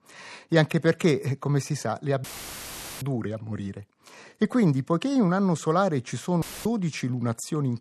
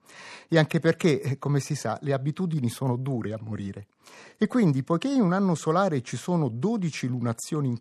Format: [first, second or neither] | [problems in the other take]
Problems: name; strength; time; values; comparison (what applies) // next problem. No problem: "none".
second | audio cutting out; filled with static; at 2 s for 1 s and at 6.5 s